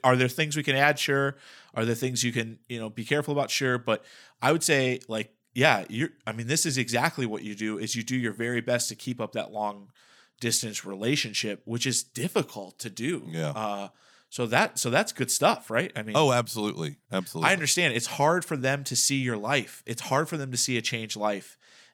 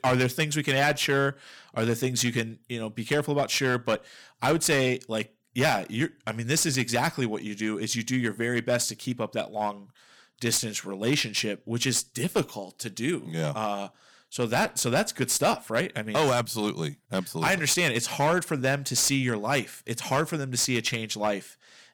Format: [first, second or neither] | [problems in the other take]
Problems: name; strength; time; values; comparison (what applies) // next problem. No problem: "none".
first | distortion; slight; 4% of the sound clipped